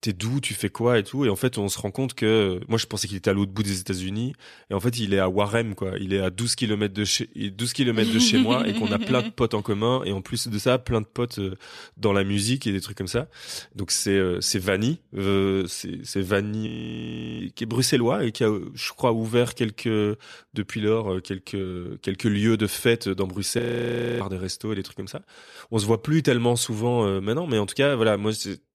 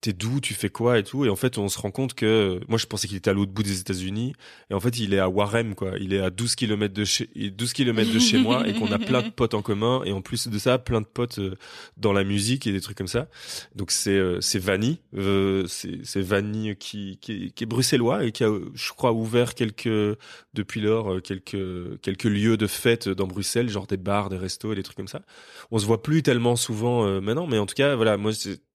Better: second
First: audio freezing; at 17 s for 0.5 s and at 24 s for 0.5 s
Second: none

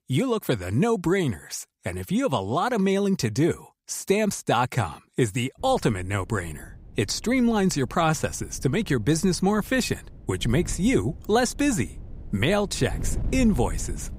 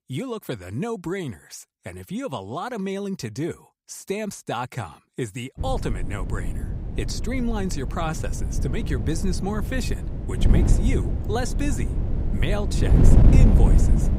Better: first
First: wind noise on the microphone; occasional gusts; from 5.5 s on; 25 dB below the speech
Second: wind noise on the microphone; heavy; from 5.5 s on; 3 dB below the speech

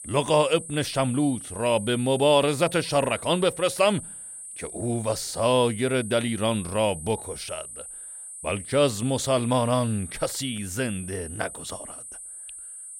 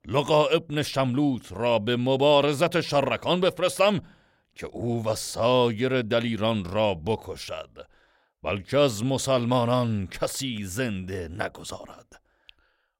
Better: second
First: high-pitched whine; noticeable; throughout; 8.5 kHz, 10 dB below the speech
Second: none

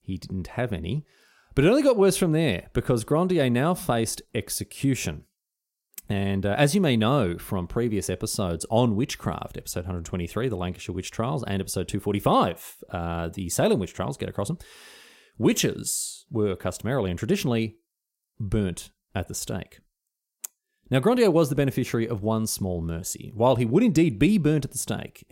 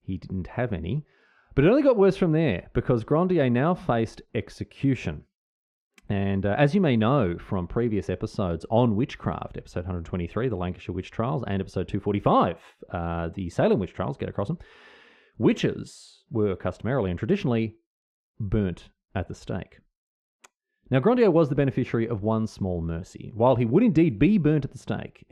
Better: first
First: none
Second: muffled; very; fading above 2.5 kHz

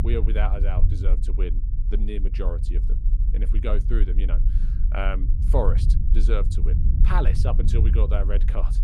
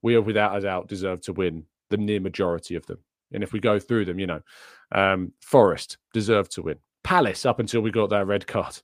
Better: second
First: low rumble; loud; throughout; 9 dB below the speech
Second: none

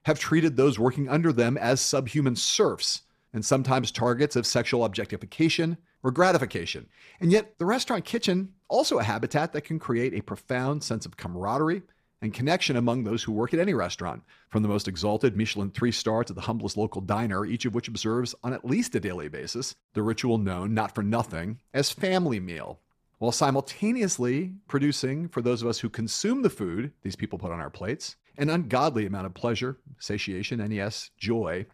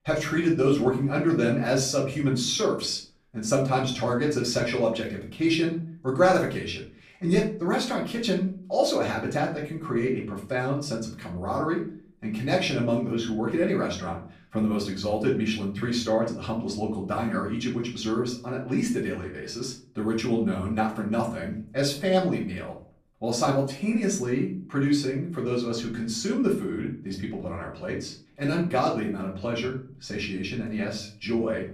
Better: first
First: none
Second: off-mic speech; far // room echo; slight; dies away in 0.3 s

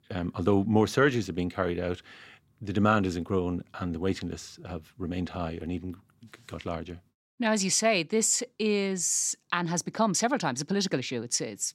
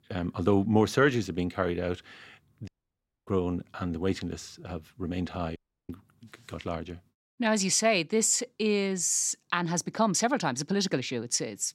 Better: first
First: none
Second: audio cutting out; at 2.5 s for 0.5 s and at 5.5 s

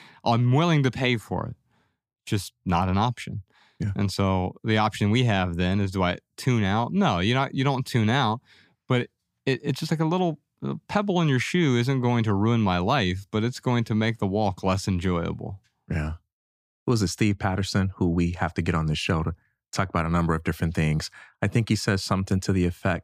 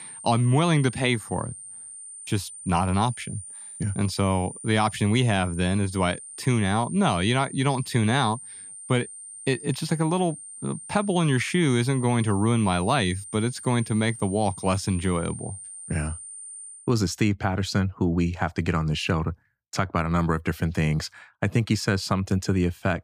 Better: first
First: none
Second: high-pitched whine; noticeable; until 17 s; 9 kHz, 15 dB below the speech

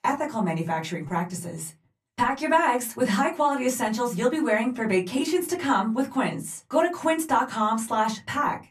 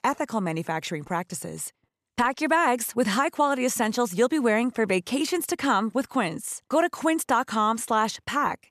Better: second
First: off-mic speech; far // room echo; very slight; dies away in 0.2 s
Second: none

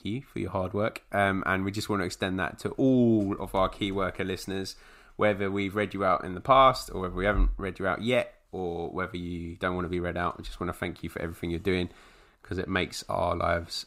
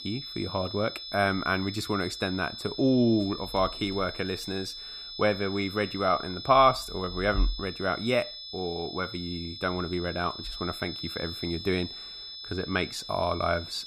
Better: first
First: none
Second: high-pitched whine; loud; throughout; 5 kHz, 9 dB below the speech

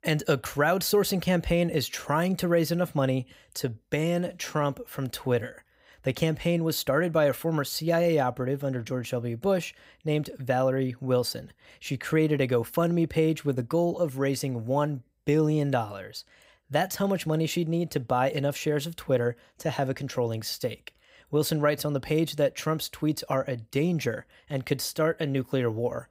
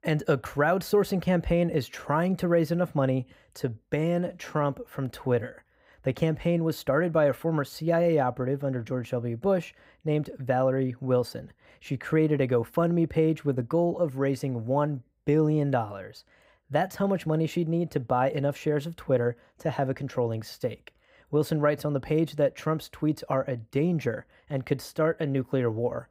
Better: first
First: none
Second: muffled; slightly; fading above 2.5 kHz

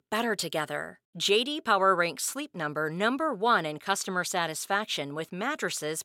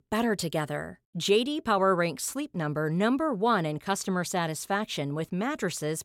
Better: second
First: thin; very slightly; fading below 450 Hz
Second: none

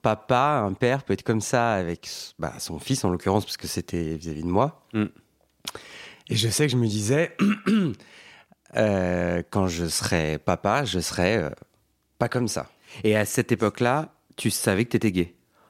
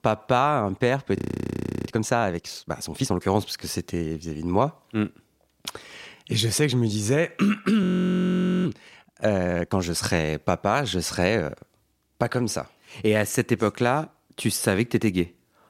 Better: first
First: none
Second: audio freezing; at 1 s for 0.5 s and at 8 s for 1 s

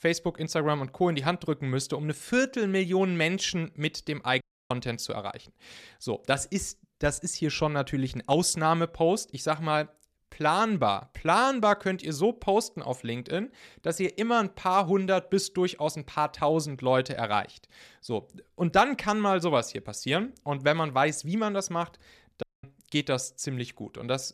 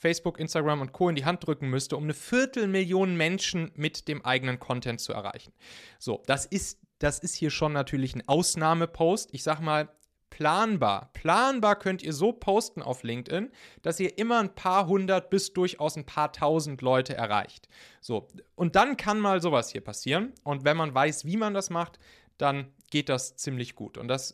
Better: second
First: audio cutting out; at 4.5 s and at 22 s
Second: none

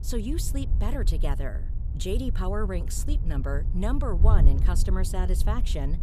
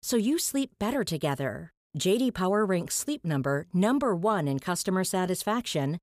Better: second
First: wind noise on the microphone; occasional gusts; 10 dB below the speech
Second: none

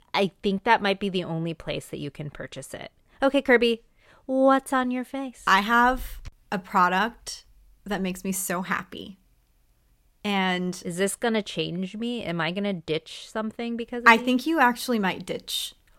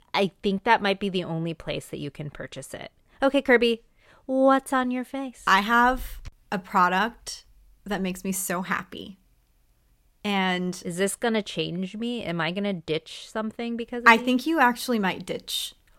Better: neither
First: none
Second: none

